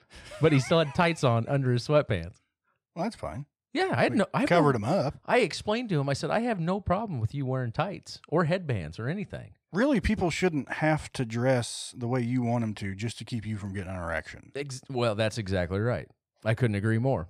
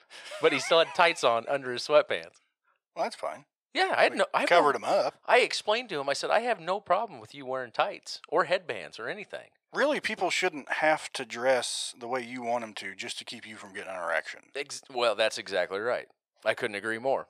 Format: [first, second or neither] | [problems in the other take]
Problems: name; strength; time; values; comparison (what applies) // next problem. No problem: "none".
first | thin; very; fading below 600 Hz